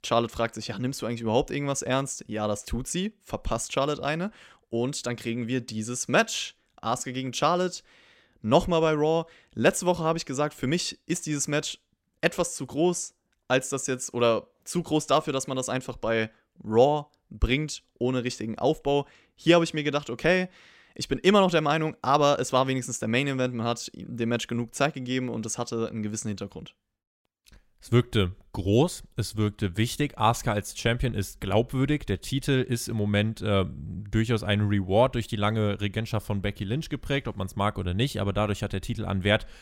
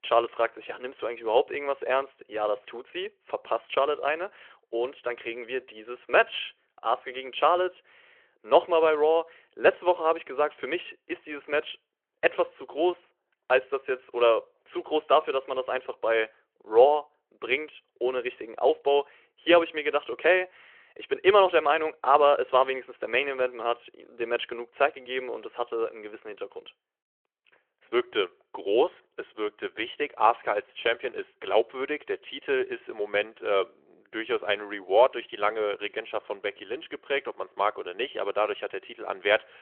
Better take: first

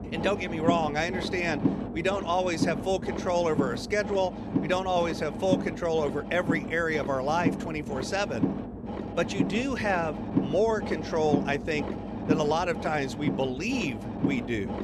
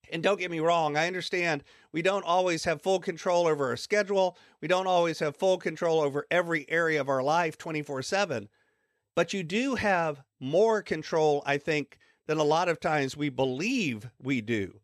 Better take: second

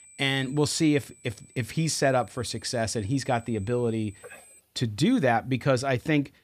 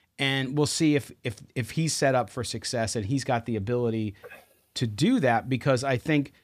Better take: second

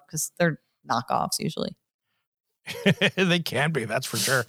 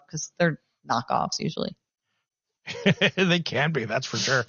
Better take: first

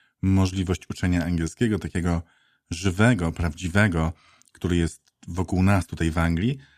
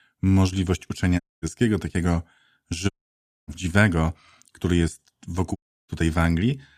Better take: first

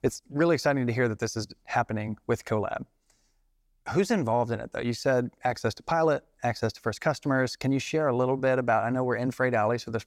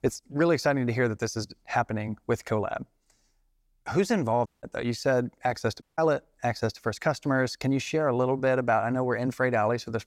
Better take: first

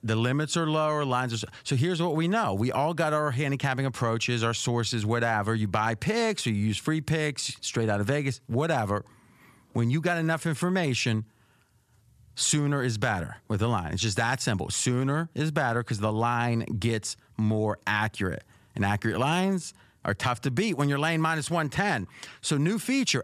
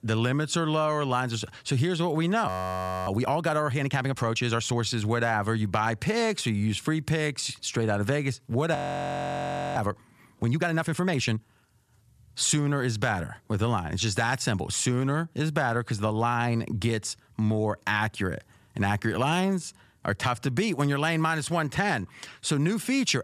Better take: first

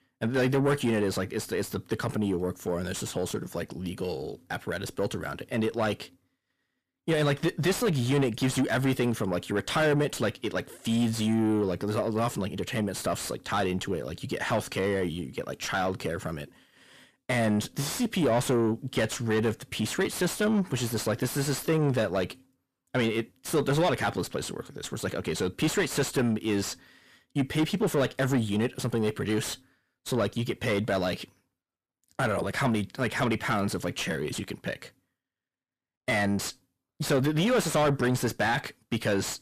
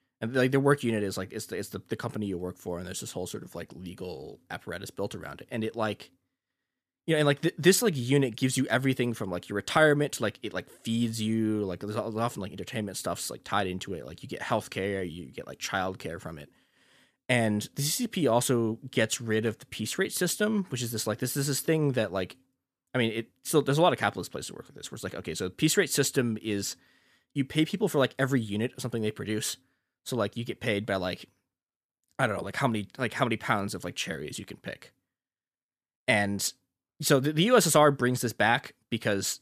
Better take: second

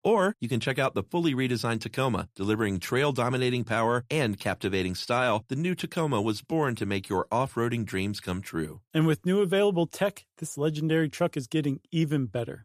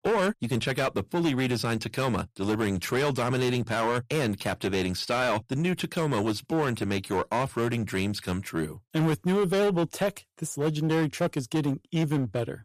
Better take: first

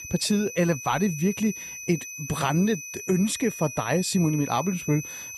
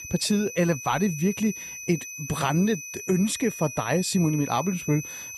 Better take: neither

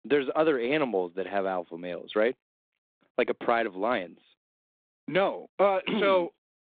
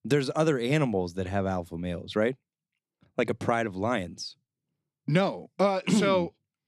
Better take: second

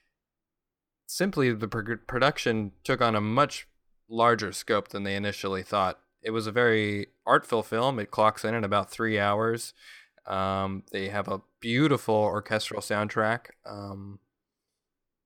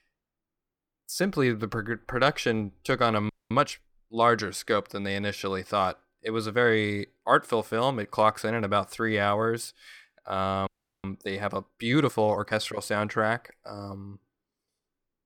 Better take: first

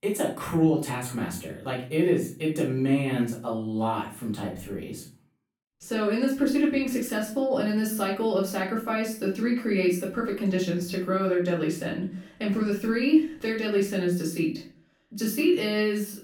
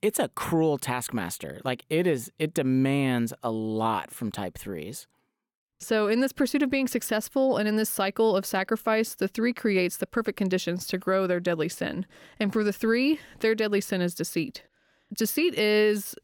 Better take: second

